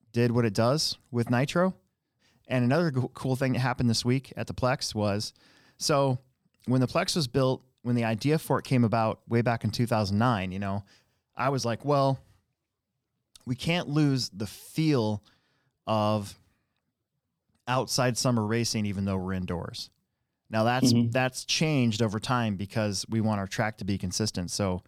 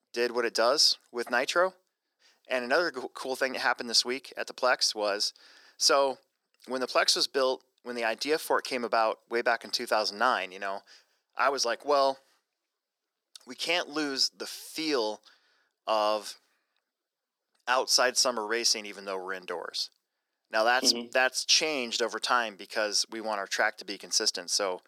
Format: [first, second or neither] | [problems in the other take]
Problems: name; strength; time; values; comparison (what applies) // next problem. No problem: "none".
first | thin; very; fading below 350 Hz